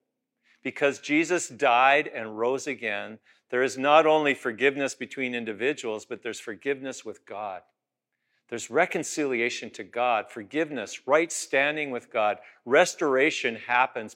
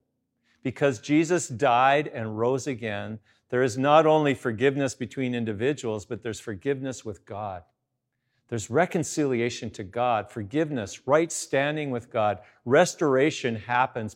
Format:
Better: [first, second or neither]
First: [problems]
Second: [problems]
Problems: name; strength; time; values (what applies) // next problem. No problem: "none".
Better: second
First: thin; very slightly; fading below 300 Hz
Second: none